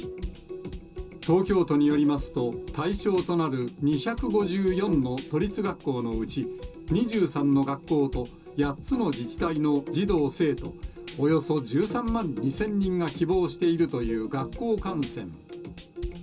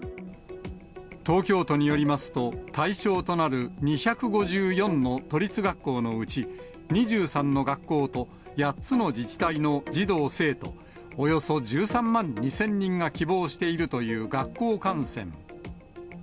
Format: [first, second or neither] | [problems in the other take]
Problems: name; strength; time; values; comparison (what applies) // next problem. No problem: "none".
second | background sound (Drum / Drum kit); 15 dB below the speech // room echo; dies away in 0.2 s